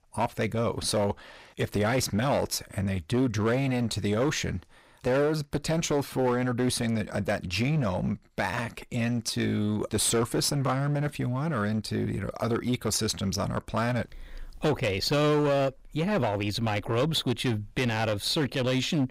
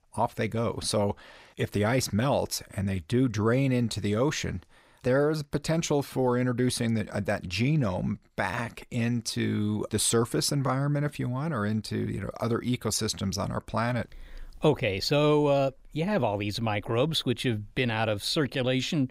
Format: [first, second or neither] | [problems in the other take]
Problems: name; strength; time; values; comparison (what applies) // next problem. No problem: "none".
second | distortion; slight; 11% of the sound clipped